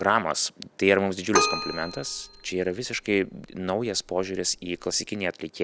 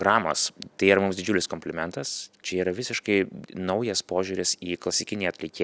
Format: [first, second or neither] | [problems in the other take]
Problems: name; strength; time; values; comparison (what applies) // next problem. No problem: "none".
second | background sound (Keyboard (musical)); 6 dB below the speech